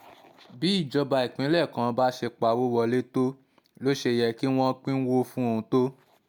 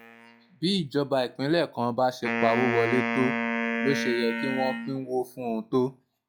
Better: first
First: none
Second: noise reduction (classical method log-MMSE)

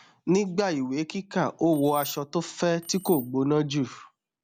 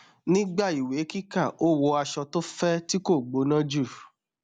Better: second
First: background sound (Keys jangling); 17 dB below the speech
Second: none

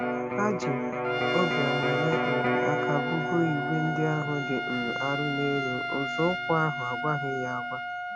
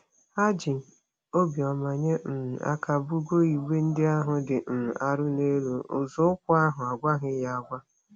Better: second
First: background sound (Electric guitar + Trumpet); 1 dB above the speech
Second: none

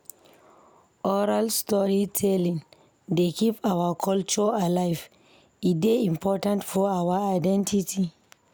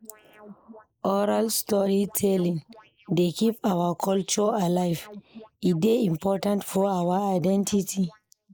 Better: first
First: none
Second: noise reduction (neural mask model Resemble Enhance denoiser)

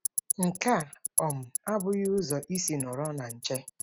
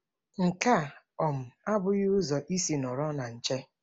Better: second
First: noise reduction (neural mask model RNNoise)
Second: none

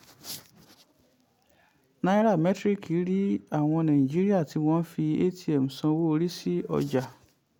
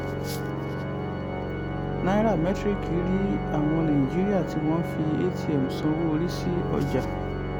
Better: first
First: none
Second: background sound (Organ); 1 dB below the speech

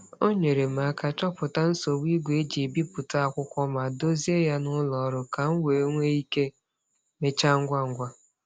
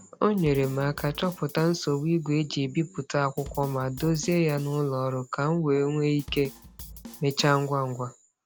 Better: first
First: none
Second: background sound (Drum kit); 18 dB below the speech

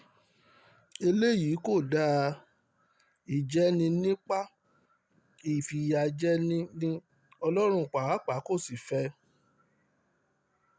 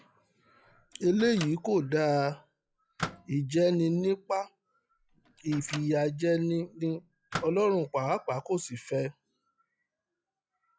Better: first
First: none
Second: noise reduction (classical method log-MMSE)

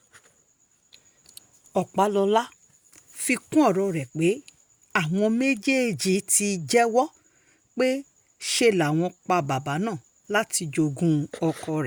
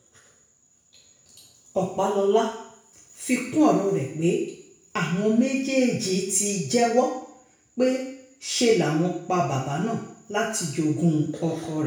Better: first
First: none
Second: room echo; dies away in 0.6 s

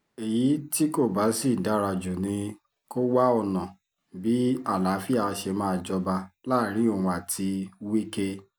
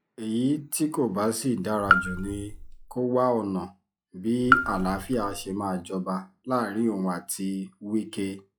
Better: first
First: none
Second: noise reduction (classical method log-MMSE)

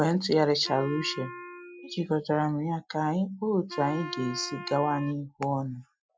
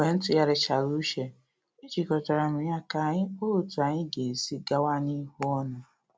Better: second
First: noise reduction (classical method Wiener filter)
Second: none

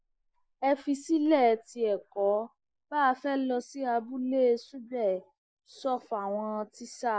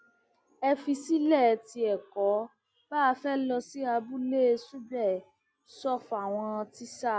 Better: second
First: noise reduction (neural mask model Resemble Enhance denoiser)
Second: none

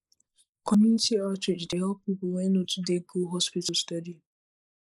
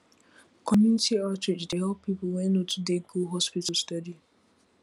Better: second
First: noise reduction (neural mask model Resemble Enhance denoiser)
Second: none

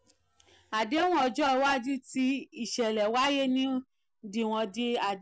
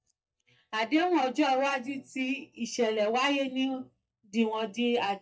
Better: first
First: none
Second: noise reduction (neural mask model DeepFilterNet 3)

